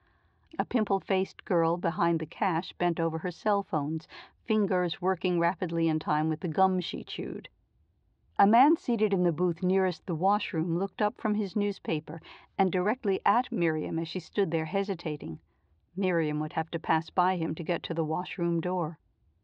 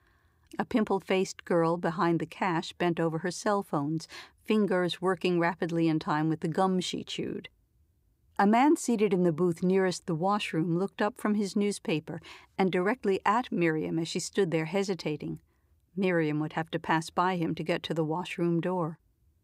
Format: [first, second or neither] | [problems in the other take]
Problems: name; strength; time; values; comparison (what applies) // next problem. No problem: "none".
second | muffled; slightly; fading above 4 kHz